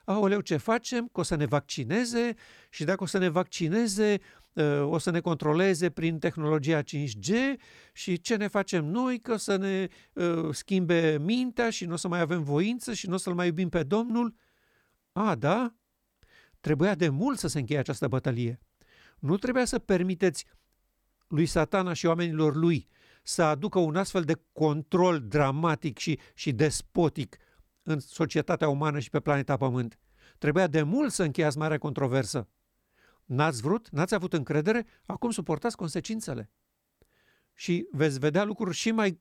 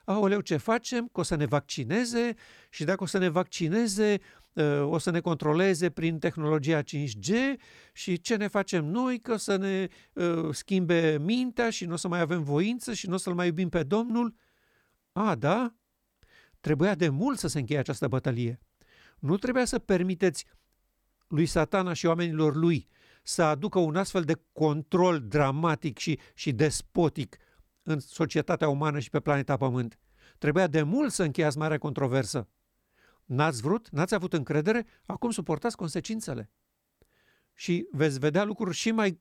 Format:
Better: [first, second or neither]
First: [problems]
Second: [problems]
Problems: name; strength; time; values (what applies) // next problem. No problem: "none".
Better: neither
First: none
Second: none